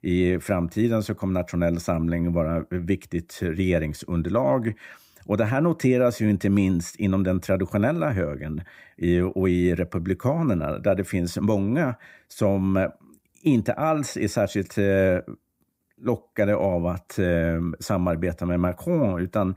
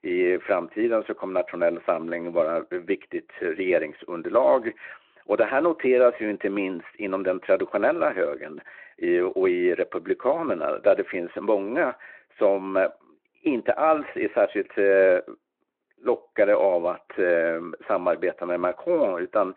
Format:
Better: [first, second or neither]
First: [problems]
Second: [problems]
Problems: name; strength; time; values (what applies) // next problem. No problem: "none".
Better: first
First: none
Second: phone-call audio; nothing above 3.5 kHz